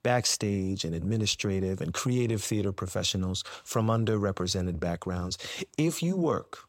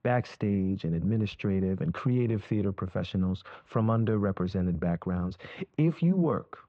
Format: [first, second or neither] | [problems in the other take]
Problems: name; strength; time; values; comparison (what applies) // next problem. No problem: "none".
first | muffled; very; fading above 2.5 kHz